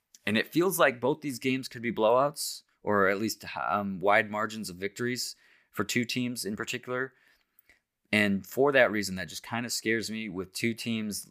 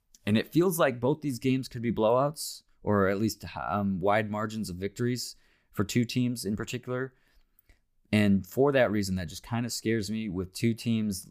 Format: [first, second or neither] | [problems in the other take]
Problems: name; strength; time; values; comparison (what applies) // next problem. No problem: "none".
second | thin; very slightly; fading below 400 Hz